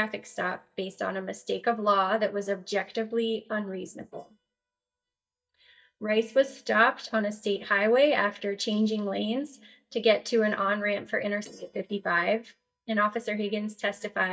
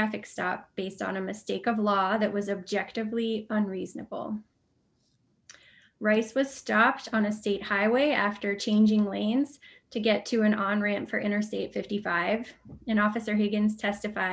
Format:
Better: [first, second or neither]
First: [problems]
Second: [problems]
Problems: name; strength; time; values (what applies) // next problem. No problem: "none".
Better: second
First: noise reduction (neural mask model DeepFilterNet 3)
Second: none